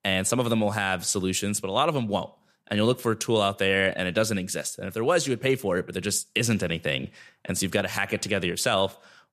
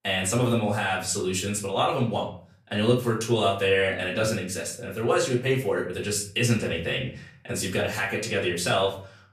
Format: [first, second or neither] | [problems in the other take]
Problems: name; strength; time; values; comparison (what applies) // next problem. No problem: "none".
first | off-mic speech; far // room echo; slight; dies away in 0.4 s